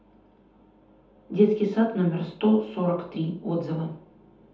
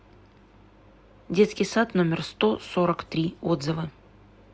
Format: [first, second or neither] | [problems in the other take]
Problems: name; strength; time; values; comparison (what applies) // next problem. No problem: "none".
second | room echo; dies away in 0.6 s